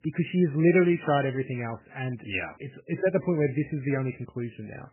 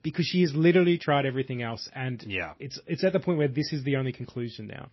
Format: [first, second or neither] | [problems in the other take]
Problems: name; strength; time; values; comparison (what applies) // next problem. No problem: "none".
second | garbled, watery; badly; nothing above 3 kHz; slightly in the second